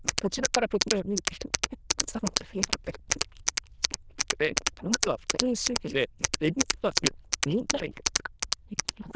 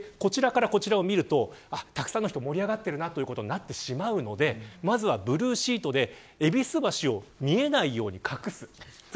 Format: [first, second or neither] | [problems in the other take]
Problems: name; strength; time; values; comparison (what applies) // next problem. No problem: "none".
second | noise reduction (neural diffusion model UNIVERSE++)